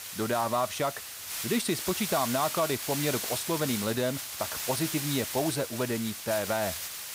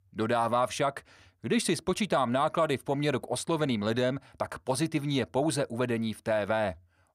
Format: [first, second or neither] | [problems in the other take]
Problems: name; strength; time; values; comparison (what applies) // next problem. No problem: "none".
second | hiss; loud; throughout; 3 dB below the speech